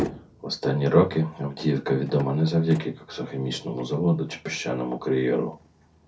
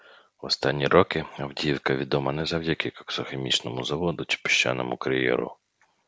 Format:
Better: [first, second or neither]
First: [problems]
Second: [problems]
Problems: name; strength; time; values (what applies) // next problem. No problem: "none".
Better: second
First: background sound (Motor vehicle (road)); 16 dB below the speech // room echo; dies away in 0.3 s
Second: none